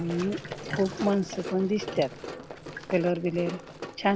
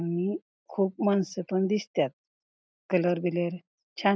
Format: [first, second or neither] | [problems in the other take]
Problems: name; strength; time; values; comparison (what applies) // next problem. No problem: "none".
second | background sound (Sink (filling or washing) + Run); 10 dB below the speech